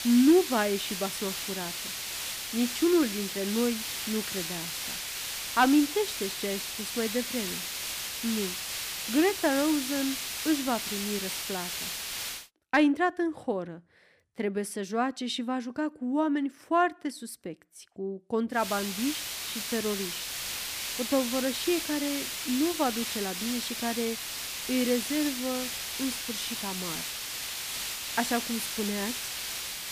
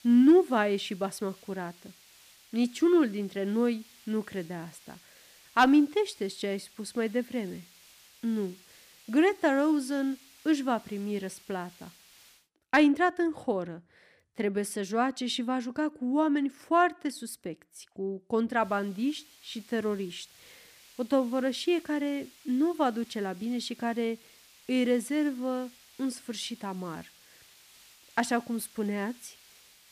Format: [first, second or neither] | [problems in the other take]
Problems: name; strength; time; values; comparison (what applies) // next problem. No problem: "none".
second | hiss; loud; until 12 s and from 19 s on; 3 dB below the speech; faint in the second